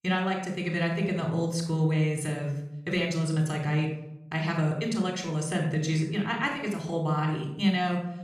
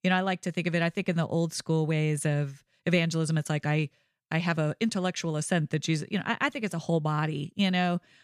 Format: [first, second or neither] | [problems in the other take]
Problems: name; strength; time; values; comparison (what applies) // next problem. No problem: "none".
second | off-mic speech; somewhat distant // room echo; noticeable; dies away in 0.6 s